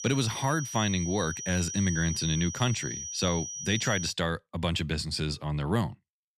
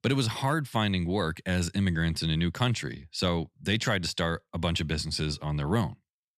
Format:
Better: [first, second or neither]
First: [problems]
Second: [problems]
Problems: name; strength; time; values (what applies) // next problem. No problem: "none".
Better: second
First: high-pitched whine; loud; until 4 s; 6 kHz, 6 dB below the speech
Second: none